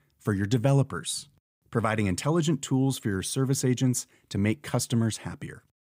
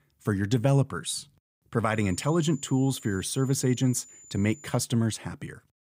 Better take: first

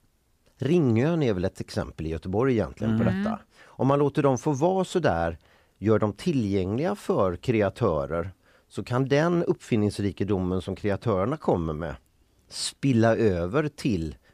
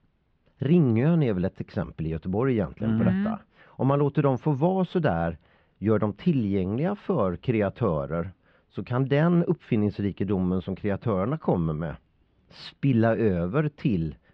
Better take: first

